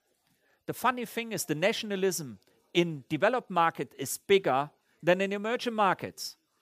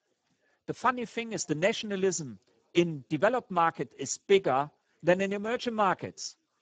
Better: first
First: none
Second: garbled, watery; badly; nothing above 7.5 kHz

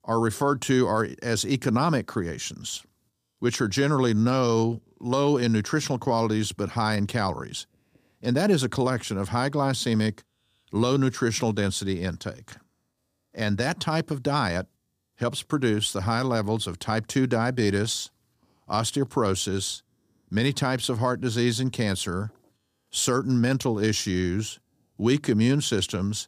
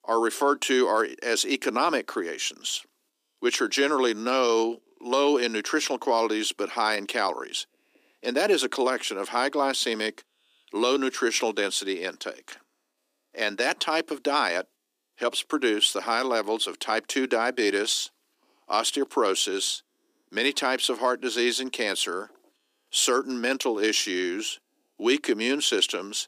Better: first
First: none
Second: thin; somewhat; fading below 300 Hz

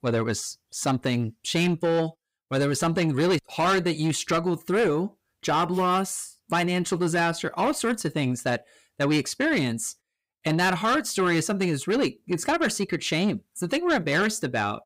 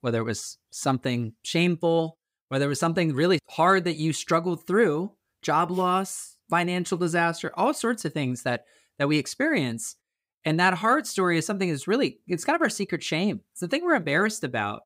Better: second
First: distortion; slight; 10 dB below the speech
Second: none

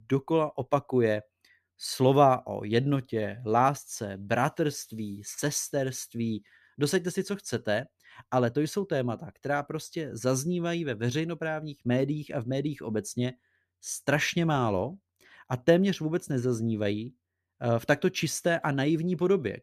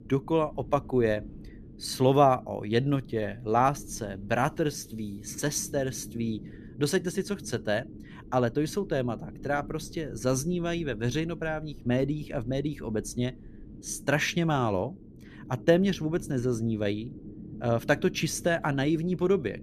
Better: first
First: none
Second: low rumble; faint; throughout; 20 dB below the speech

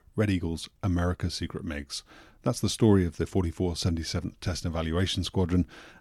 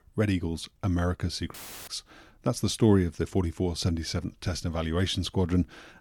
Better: first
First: none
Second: audio cutting out; filled with static; at 1.5 s

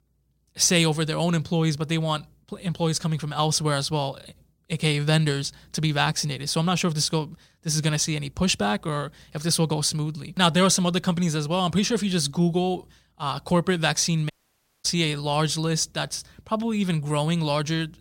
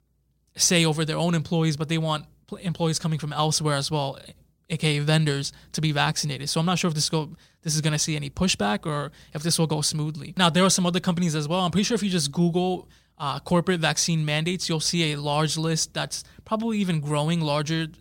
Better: second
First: audio cutting out; at 14 s for 0.5 s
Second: none

